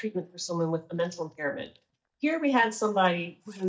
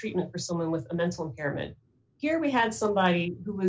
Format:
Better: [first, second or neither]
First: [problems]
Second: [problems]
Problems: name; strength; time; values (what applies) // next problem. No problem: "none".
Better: second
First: noise reduction (neural mask model DeepFilterNet 3)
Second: none